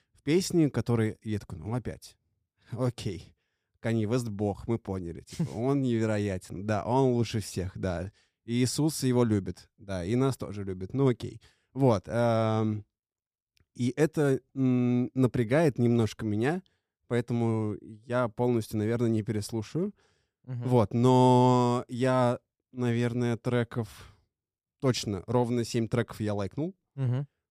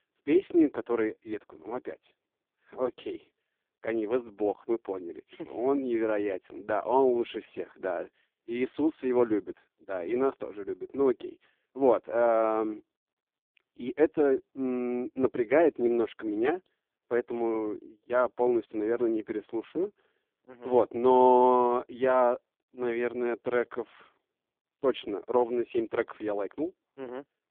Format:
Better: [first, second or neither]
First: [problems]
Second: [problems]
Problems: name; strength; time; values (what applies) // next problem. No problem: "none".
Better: first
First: none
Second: phone-call audio; poor line